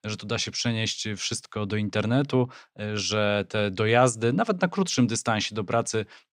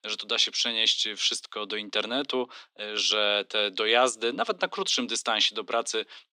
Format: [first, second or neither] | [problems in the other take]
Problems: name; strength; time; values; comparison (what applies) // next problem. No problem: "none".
first | thin; somewhat; fading below 300 Hz